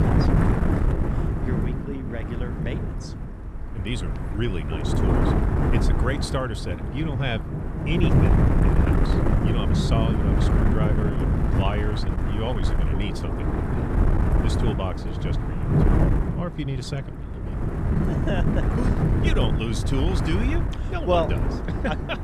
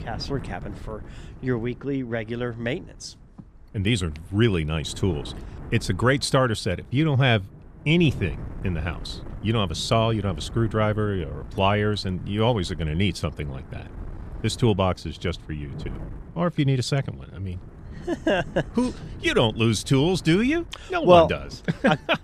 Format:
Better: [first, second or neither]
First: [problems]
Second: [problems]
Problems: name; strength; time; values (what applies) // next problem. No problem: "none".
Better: second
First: wind noise on the microphone; heavy; as loud as the speech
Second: wind noise on the microphone; occasional gusts; 25 dB below the speech